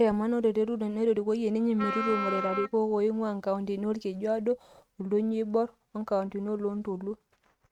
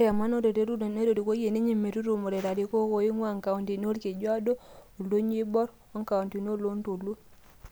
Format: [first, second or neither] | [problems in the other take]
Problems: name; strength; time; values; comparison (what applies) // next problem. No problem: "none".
second | noise reduction (neural mask model RNNoise)